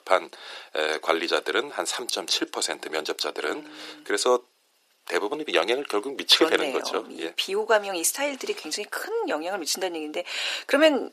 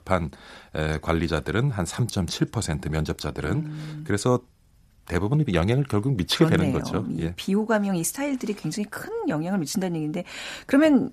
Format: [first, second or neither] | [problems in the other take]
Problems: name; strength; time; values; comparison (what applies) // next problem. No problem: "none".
second | thin; very; fading below 350 Hz